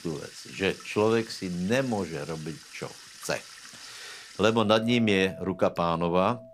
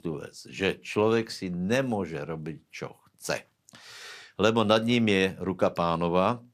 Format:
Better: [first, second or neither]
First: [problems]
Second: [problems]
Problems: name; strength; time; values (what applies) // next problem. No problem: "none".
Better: second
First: household noises; noticeable; throughout; 20 dB below the speech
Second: none